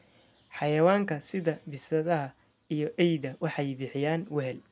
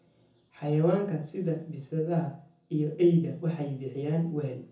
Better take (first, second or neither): first